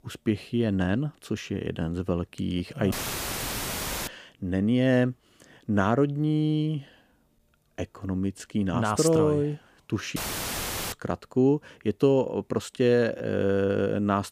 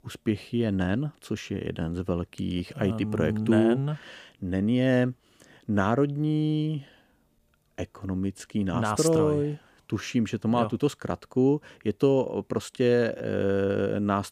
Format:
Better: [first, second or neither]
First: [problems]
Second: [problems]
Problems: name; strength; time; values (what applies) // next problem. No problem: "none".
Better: second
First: audio cutting out; filled with static; at 3 s for 1 s and at 10 s for 1 s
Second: none